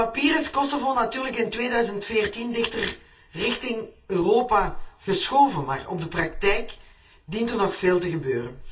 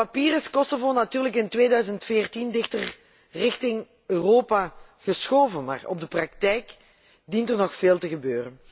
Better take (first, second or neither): second